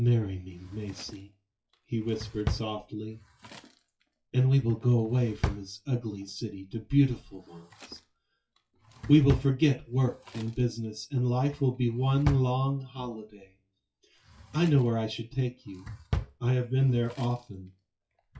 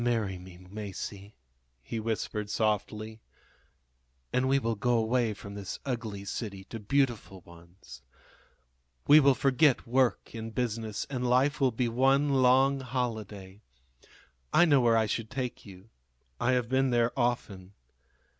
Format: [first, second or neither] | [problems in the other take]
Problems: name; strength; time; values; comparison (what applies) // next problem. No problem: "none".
second | noise reduction (classical method WPE with log-MMSE)